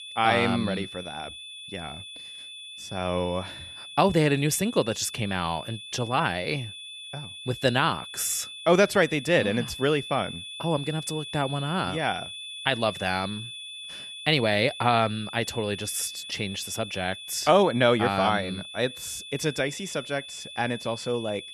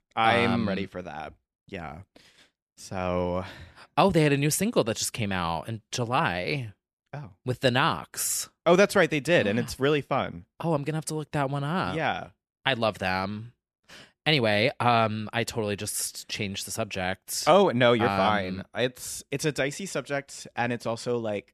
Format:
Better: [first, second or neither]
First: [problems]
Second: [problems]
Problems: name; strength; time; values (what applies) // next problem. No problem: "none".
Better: second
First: high-pitched whine; noticeable; throughout; 3.5 kHz, 10 dB below the speech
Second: none